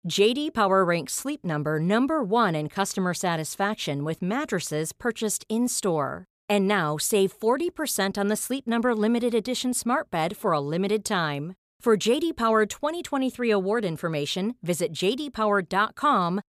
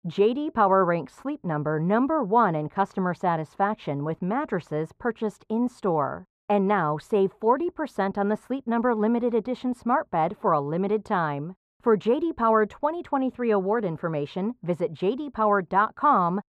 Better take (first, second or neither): first